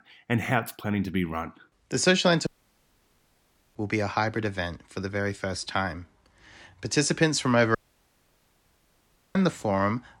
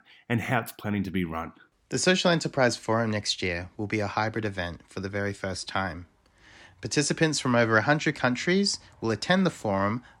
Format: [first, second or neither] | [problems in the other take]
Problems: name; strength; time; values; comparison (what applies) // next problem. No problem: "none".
second | audio cutting out; at 2.5 s for 1.5 s and at 8 s for 1.5 s